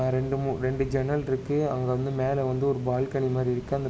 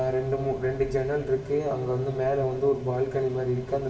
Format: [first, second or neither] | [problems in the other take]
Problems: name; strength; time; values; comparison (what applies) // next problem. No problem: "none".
first | room echo; dies away in 2.7 s